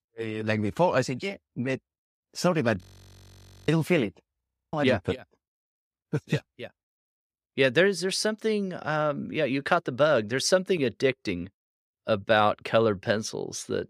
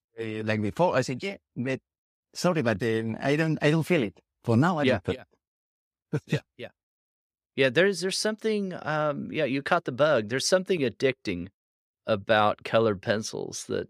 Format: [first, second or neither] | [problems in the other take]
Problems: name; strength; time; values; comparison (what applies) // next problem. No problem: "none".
second | audio freezing; at 3 s for 1 s and at 4.5 s